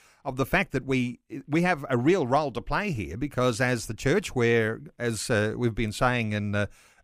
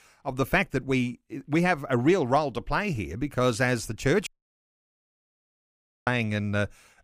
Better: first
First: none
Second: audio cutting out; at 4.5 s for 2 s

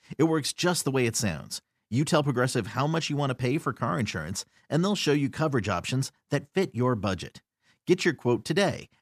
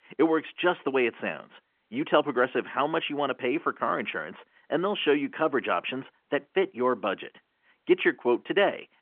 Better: first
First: none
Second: phone-call audio; nothing above 3 kHz

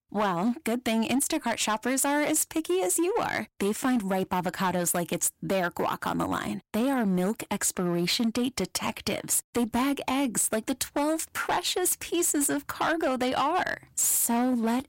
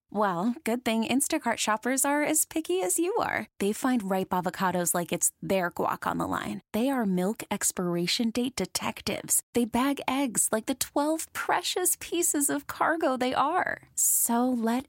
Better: second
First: distortion; slight; 12% of the sound clipped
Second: none

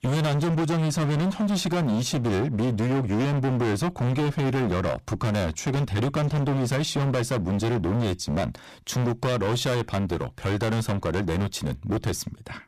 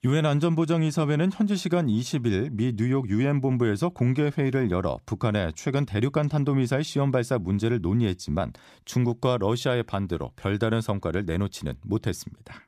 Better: second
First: distortion; heavy; 32% of the sound clipped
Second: none

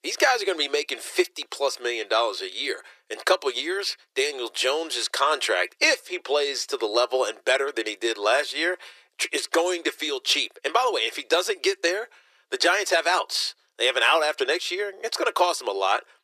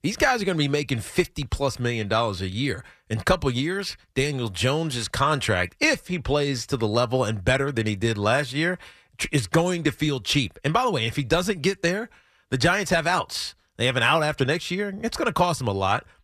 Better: second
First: thin; very; fading below 350 Hz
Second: none

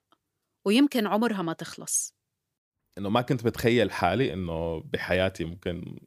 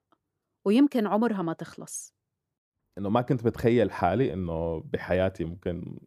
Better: first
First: none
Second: muffled; slightly; fading above 1.5 kHz

